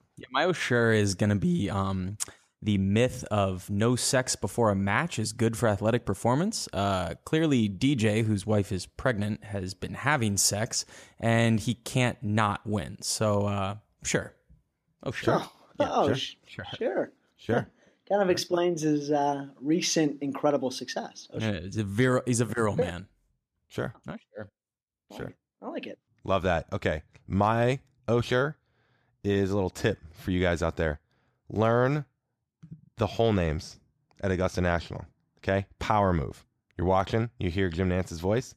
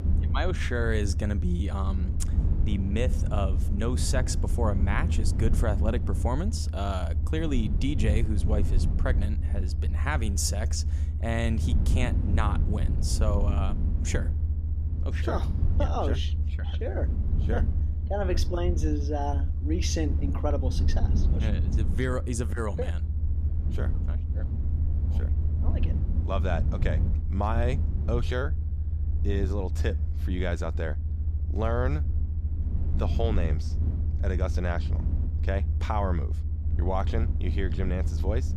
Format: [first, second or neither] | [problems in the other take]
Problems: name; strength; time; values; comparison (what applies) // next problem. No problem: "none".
first | low rumble; loud; throughout; 10 dB below the speech